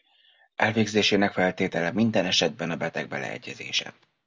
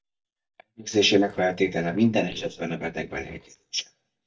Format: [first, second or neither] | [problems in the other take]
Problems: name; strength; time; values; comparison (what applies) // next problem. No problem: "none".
first | noise reduction (neural mask model DeepFilterNet 3)